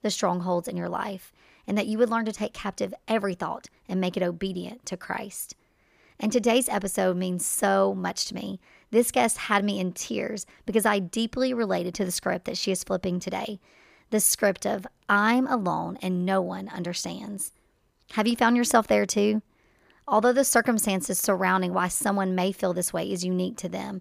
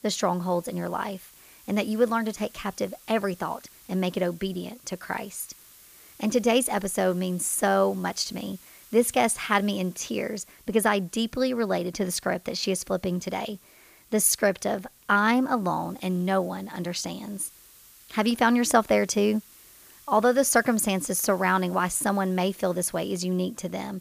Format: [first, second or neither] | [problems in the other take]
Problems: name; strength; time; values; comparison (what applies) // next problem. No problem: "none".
first | hiss; faint; throughout; 25 dB below the speech